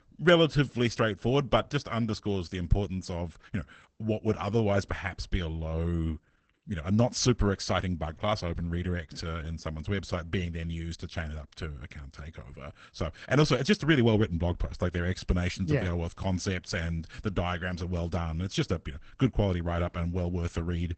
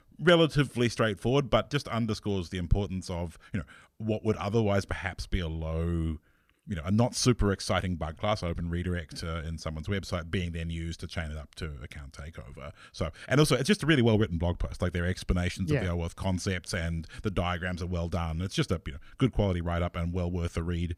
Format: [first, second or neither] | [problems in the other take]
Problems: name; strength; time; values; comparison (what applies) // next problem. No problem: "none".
second | garbled, watery; badly; nothing above 7 kHz